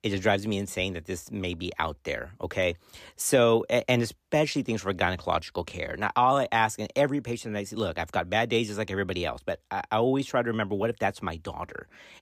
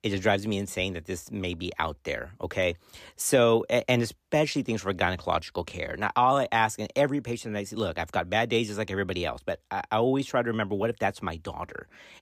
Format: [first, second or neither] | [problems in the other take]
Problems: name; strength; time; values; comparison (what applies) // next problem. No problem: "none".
neither | none